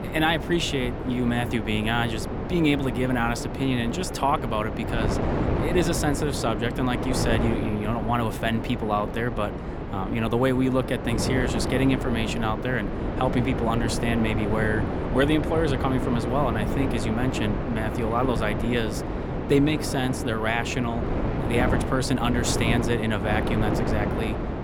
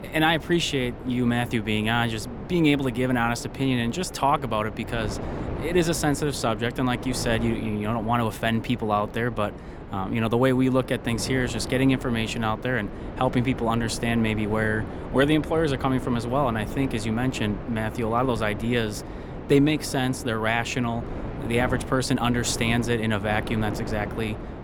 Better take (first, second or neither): second